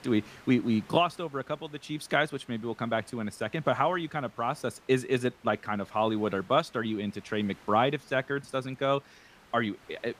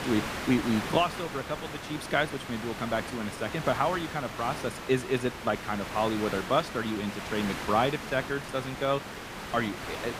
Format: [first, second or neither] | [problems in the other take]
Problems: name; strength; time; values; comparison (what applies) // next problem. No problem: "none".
first | hiss; loud; throughout; 7 dB below the speech; faint in the first